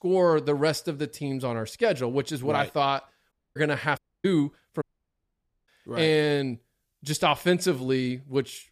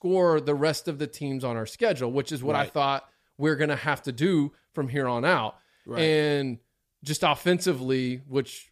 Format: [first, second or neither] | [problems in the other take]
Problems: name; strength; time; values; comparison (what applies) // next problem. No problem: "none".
second | audio cutting out; at 3.5 s, at 4 s and at 5 s for 1 s